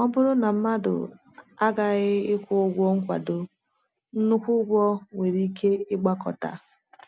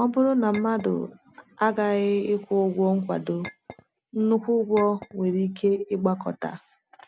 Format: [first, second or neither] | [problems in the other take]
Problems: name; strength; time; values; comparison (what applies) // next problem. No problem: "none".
first | background sound (Chink, clink); 20 dB below the speech